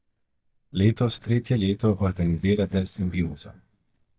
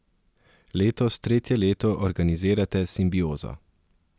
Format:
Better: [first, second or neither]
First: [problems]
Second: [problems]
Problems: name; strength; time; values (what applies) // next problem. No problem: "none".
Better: second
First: noise reduction (neural mask model DeepFilterNet 3)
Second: none